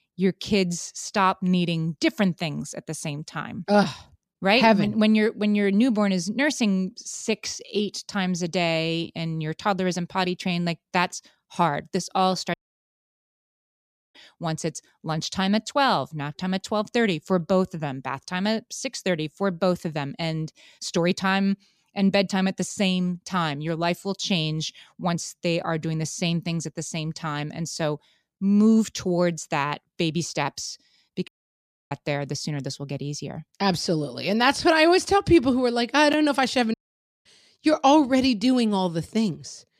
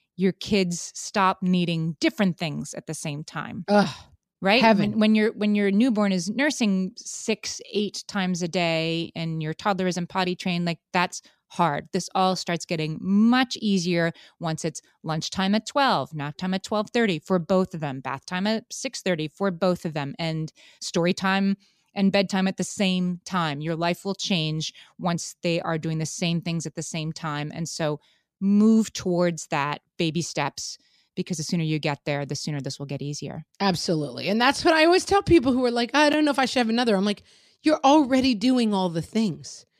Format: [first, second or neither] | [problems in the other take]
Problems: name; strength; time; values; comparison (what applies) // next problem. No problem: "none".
second | audio cutting out; at 13 s for 1.5 s, at 31 s for 0.5 s and at 37 s for 0.5 s